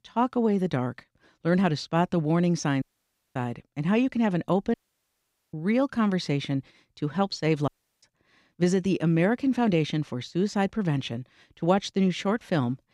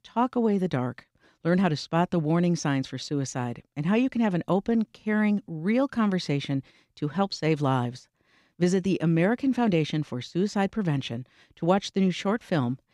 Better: second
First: audio cutting out; at 3 s for 0.5 s, at 4.5 s for 1 s and at 7.5 s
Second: none

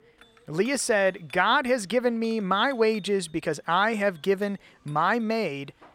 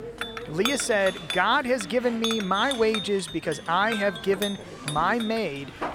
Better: first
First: household noises; faint; throughout; 30 dB below the speech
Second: household noises; loud; throughout; 8 dB below the speech

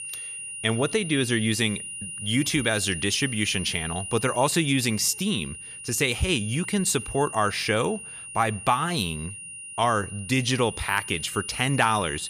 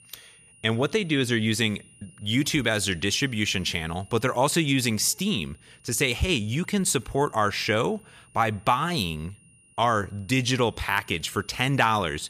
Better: second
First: high-pitched whine; loud; throughout; 9.5 kHz, 9 dB below the speech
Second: high-pitched whine; faint; throughout; 9.5 kHz, 30 dB below the speech

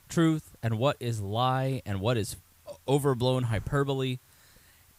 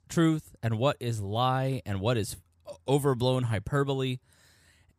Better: second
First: hiss; faint; throughout; 25 dB below the speech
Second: none

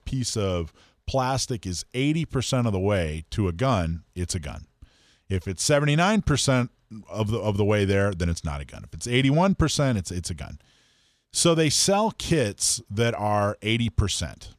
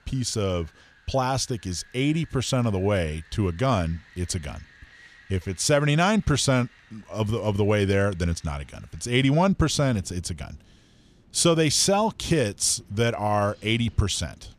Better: first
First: none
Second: wind in the background; faint; throughout; 30 dB below the speech

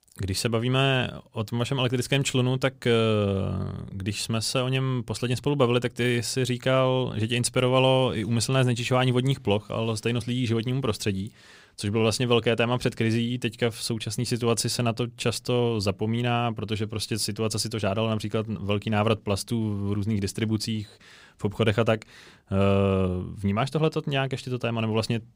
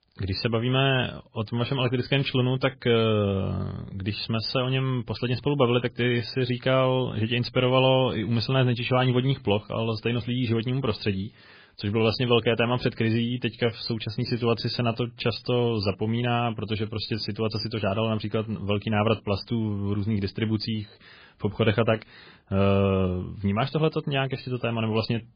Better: first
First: none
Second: garbled, watery; badly

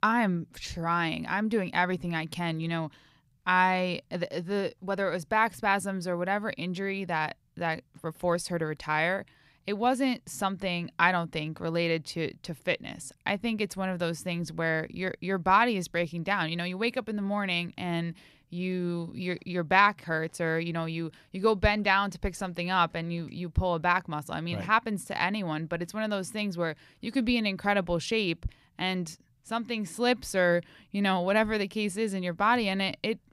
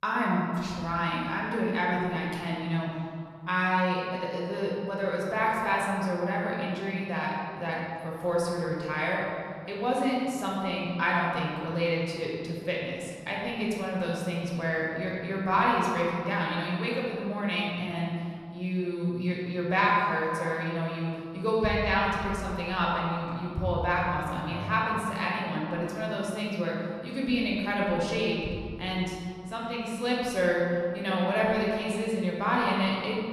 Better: first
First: none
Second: room echo; noticeable; dies away in 2 s // off-mic speech; far

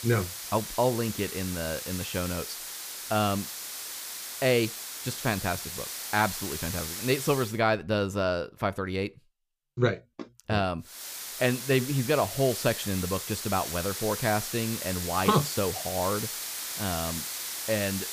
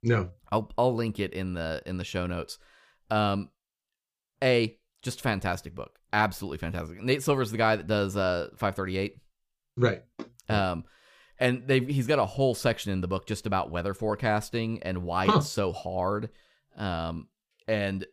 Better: second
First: hiss; loud; until 7.5 s and from 11 s on; 5 dB below the speech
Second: none

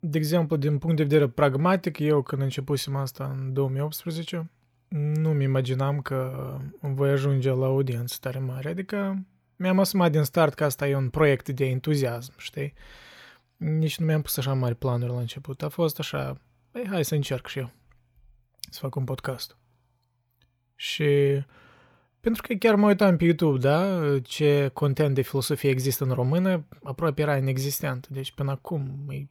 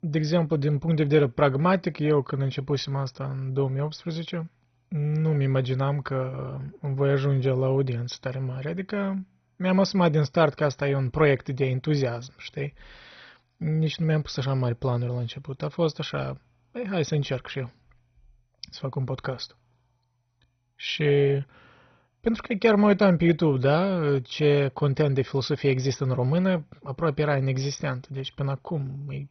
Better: first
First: none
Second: garbled, watery; badly; nothing above 6 kHz

